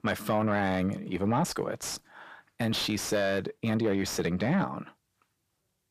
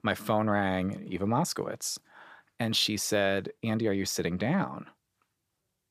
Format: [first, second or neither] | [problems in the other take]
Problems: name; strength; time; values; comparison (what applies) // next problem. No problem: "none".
second | distortion; slight; 10 dB below the speech